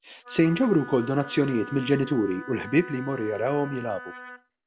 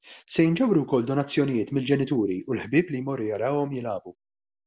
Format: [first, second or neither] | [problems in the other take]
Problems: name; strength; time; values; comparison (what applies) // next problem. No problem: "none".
second | background sound (Wind instrument, woodwind instrument); 16 dB below the speech